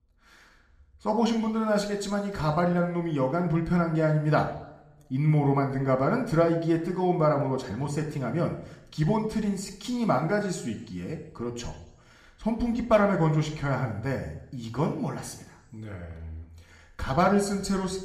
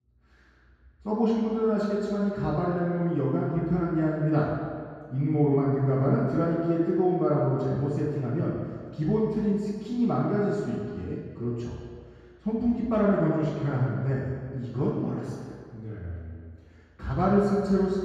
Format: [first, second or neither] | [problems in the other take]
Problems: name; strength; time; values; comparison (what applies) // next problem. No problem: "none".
first | room echo; strong; dies away in 2 s; slight in the first // off-mic speech; far